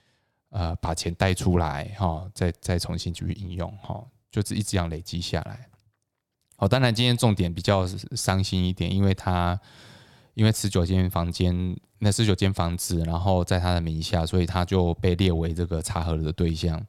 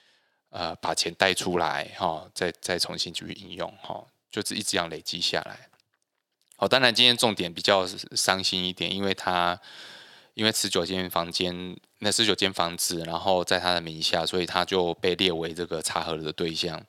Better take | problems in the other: first | thin; somewhat; fading below 350 Hz

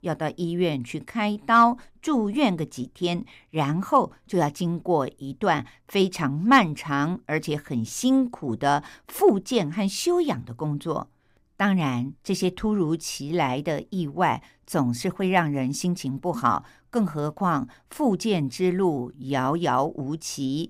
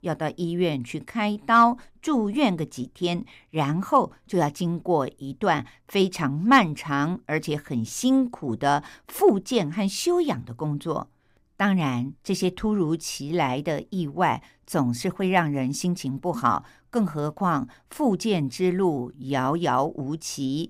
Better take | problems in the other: neither | none

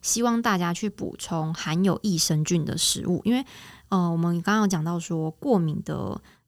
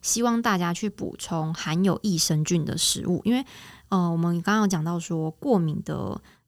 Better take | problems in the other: neither | none

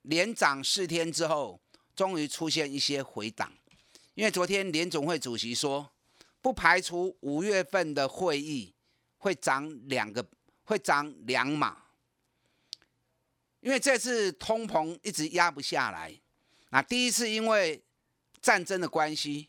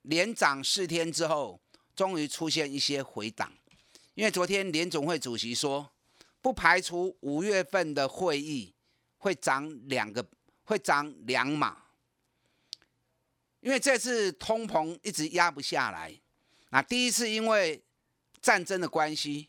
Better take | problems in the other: neither | none

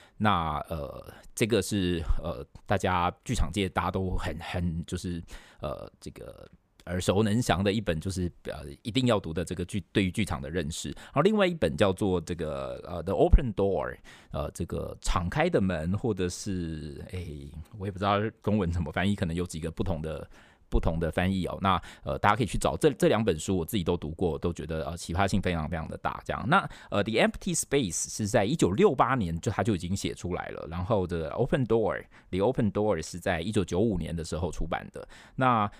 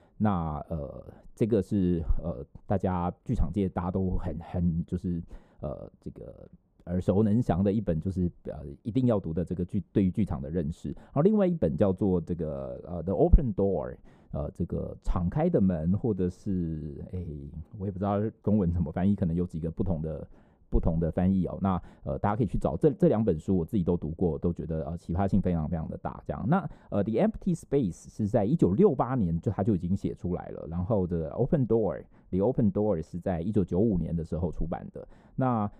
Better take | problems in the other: first | muffled; very; fading above 1 kHz

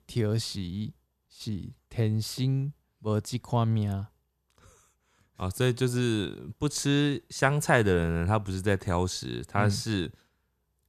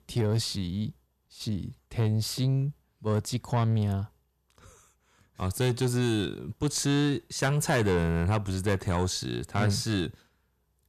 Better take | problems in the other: first | distortion; slight; 10 dB below the speech

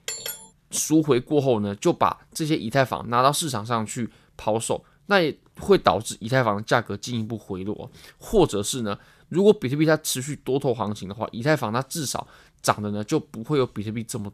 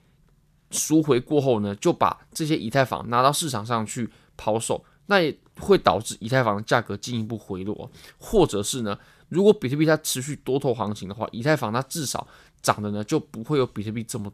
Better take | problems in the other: second | clattering dishes; noticeable; at the start; peak 6 dB below the speech

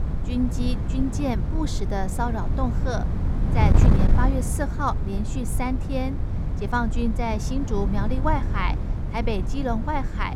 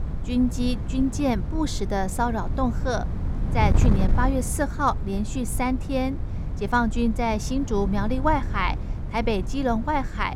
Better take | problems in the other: second | wind noise on the microphone; heavy; 7 dB below the speech; occasional gusts in the second

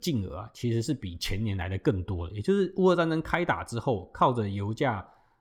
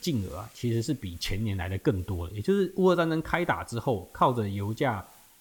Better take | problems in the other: first | hiss; faint; throughout; 25 dB below the speech

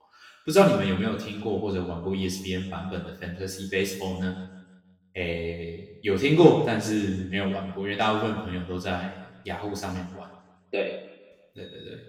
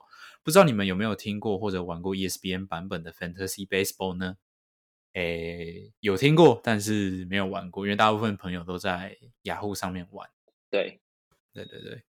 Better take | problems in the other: second | room echo; noticeable; dies away in 0.9 s // off-mic speech; far

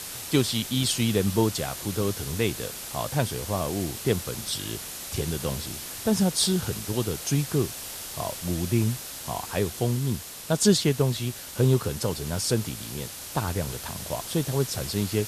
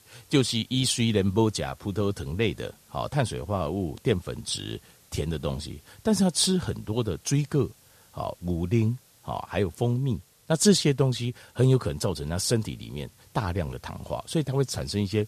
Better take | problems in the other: second | hiss; loud; throughout; 8 dB below the speech; faint in the second

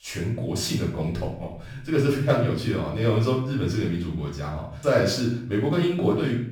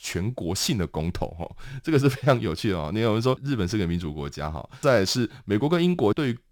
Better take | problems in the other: second | off-mic speech; far // room echo; noticeable; dies away in 0.6 s

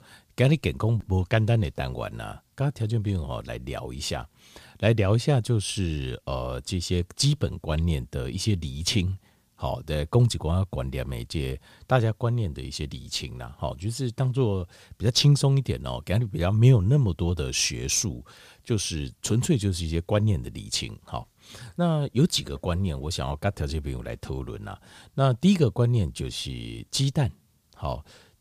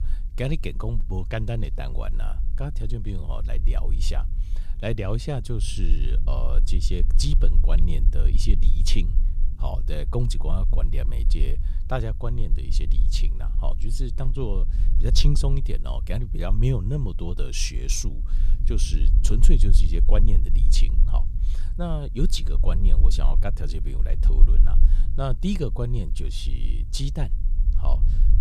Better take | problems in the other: first | low rumble; noticeable; throughout; 15 dB below the speech

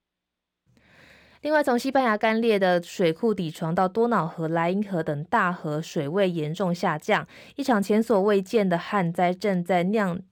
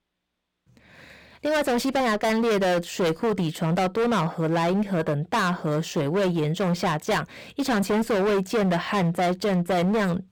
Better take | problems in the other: first | distortion; heavy; 24% of the sound clipped

